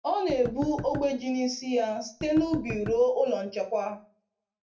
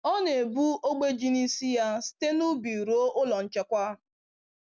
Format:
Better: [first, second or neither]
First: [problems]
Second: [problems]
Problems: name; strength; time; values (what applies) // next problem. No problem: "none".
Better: second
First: background sound (Knock); 14 dB below the speech // room echo; dies away in 0.3 s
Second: none